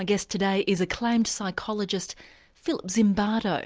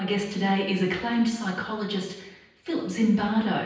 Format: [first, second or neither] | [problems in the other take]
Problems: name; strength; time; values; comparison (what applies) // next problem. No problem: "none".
first | room echo; dies away in 0.9 s